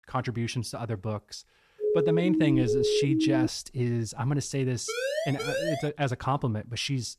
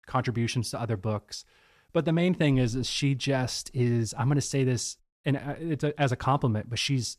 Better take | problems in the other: second | siren; loud; from 2 to 3.5 s; peak 5 dB above the speech // siren; noticeable; from 5 to 6 s; peak level with the speech

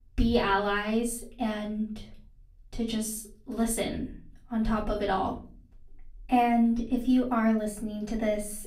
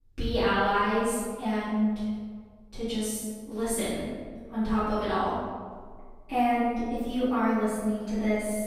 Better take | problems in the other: first | room echo; strong; dies away in 1.4 s; slight in the first // off-mic speech; far; far in the first

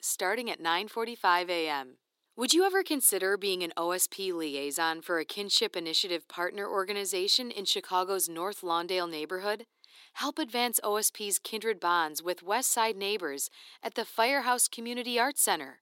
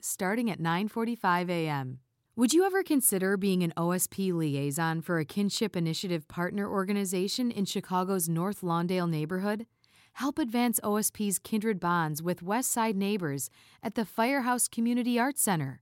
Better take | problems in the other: second | thin; very; fading below 350 Hz

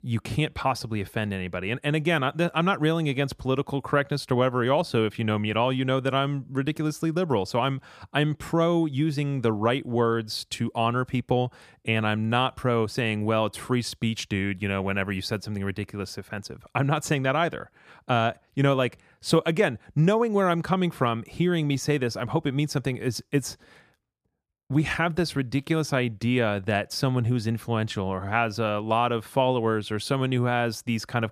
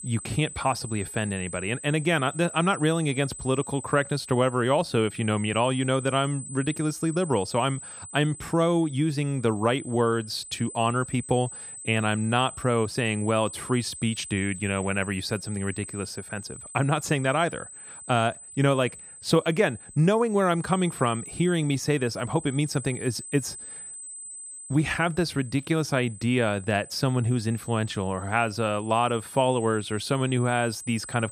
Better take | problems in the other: first | high-pitched whine; noticeable; throughout; 8 kHz, 15 dB below the speech

